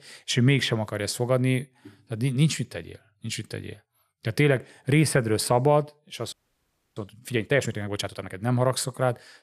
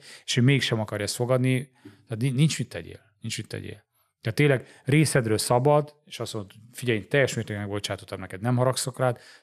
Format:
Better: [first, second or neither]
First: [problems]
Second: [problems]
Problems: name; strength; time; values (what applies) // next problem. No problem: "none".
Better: second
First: audio freezing; at 6.5 s for 0.5 s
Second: none